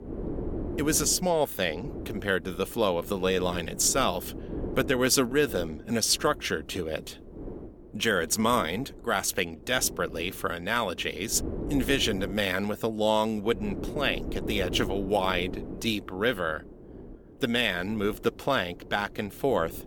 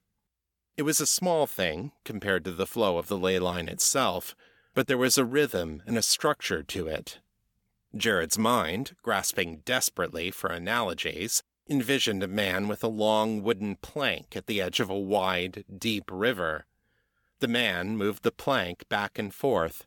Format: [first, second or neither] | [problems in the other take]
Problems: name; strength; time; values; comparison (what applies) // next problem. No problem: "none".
second | wind noise on the microphone; occasional gusts; 15 dB below the speech